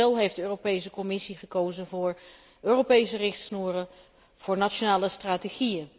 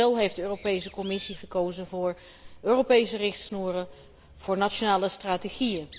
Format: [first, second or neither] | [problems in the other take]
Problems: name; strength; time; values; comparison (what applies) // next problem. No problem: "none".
first | background sound (Bird); 20 dB below the speech